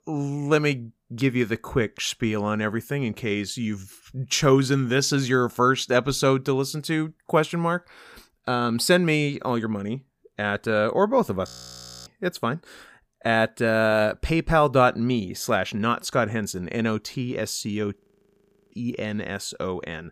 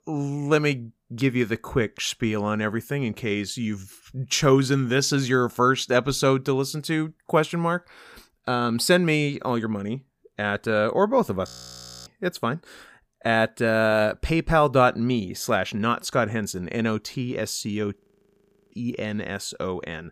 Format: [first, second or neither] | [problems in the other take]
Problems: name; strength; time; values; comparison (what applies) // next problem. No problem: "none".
neither | audio freezing; at 11 s for 0.5 s and at 18 s for 0.5 s; the same in both